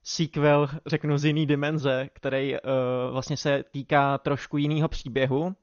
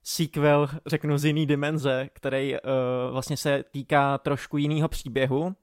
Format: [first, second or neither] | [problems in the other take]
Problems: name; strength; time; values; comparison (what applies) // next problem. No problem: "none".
second | garbled, watery; slightly; nothing above 6.5 kHz